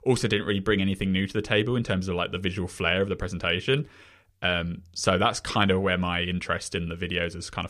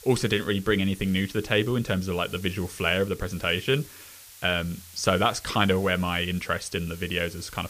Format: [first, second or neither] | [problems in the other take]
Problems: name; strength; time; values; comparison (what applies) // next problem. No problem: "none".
first | hiss; noticeable; throughout; 20 dB below the speech